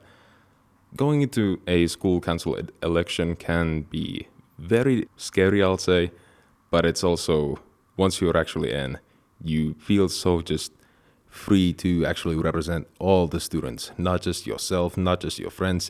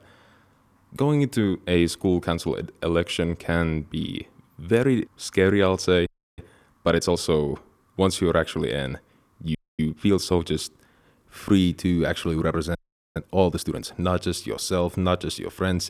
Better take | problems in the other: first | audio freezing; at 6 s, at 9.5 s and at 13 s

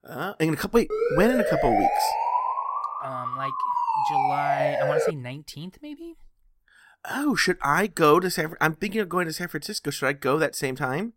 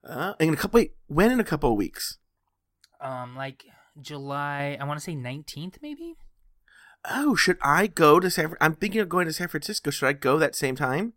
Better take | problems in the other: second | siren; loud; from 1 to 5 s; peak 3 dB above the speech

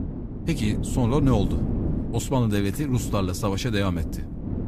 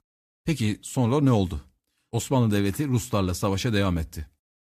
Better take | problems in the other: second | wind noise on the microphone; heavy; 9 dB below the speech

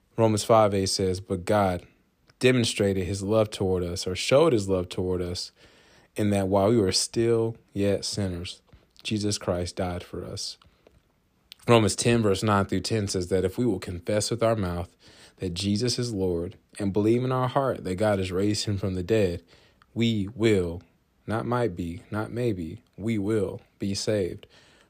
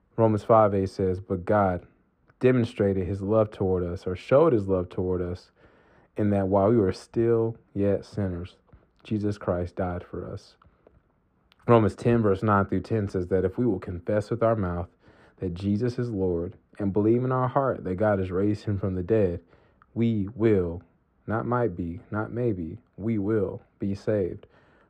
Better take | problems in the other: first | muffled; very; fading above 2.5 kHz

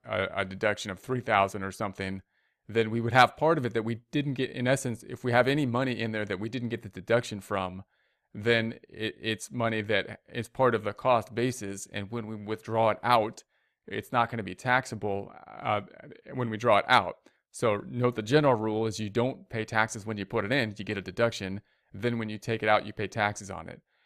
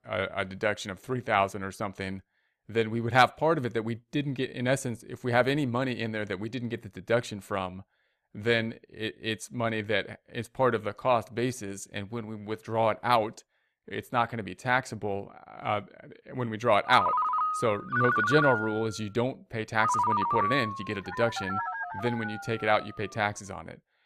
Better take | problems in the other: first | phone ringing; loud; from 17 to 23 s; peak 4 dB above the speech

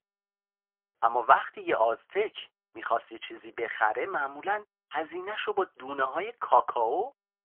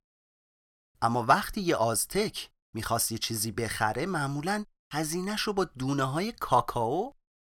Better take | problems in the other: second | phone-call audio; poor line; nothing above 3.5 kHz

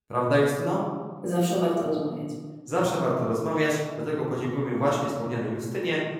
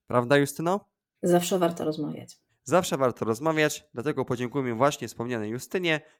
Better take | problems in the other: second | room echo; noticeable; dies away in 1.3 s // off-mic speech; far

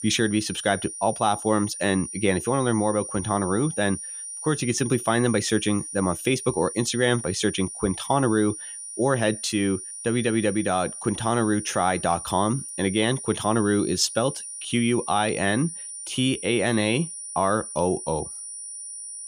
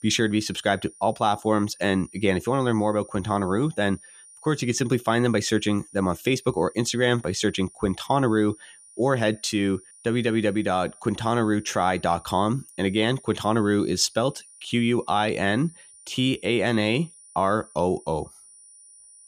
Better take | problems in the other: second | high-pitched whine; loud; throughout; 9.5 kHz, 9 dB below the speech; faint in the second

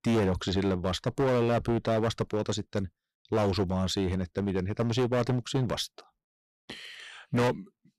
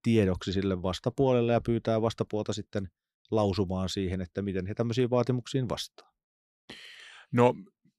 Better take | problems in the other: second | distortion; heavy; 11% of the sound clipped

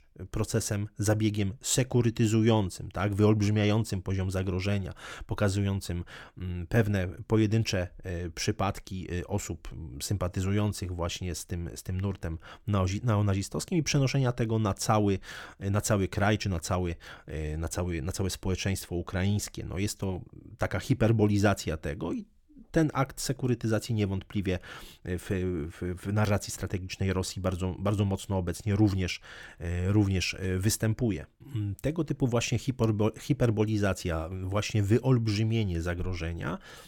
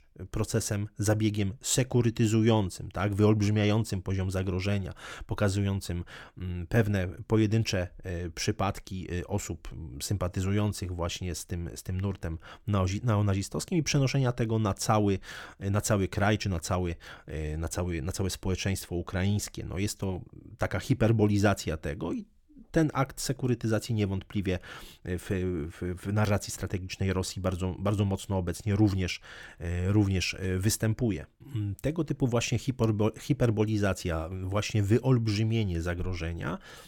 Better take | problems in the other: neither | none

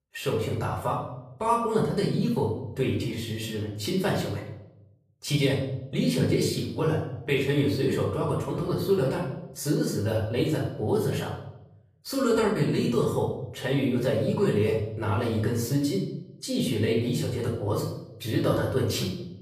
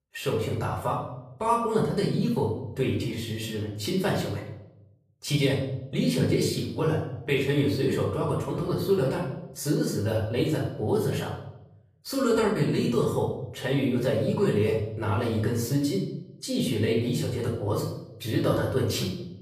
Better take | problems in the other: neither | room echo; noticeable; dies away in 0.7 s; the same in both // off-mic speech; far; the same in both

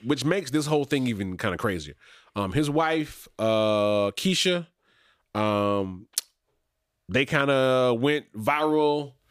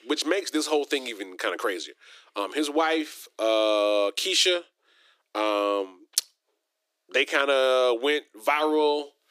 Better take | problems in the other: first | thin; somewhat; fading below 300 Hz

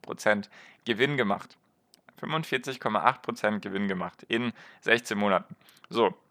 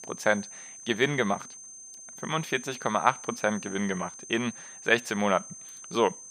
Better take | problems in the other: first | high-pitched whine; noticeable; throughout; 6.5 kHz, 15 dB below the speech

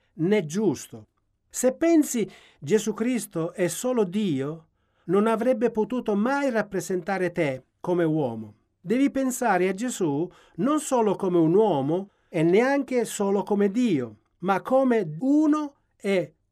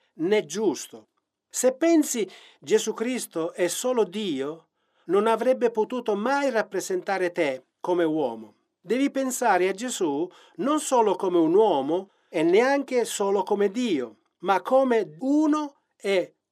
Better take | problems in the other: first | thin; very slightly; fading below 350 Hz

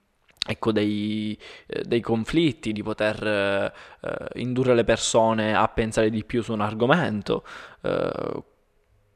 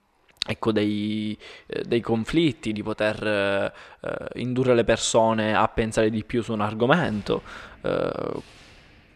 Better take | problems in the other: first | household noises; faint; throughout; 30 dB below the speech

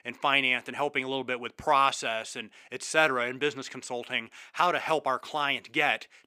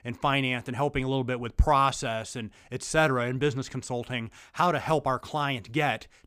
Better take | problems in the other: second | thin; somewhat; fading below 300 Hz

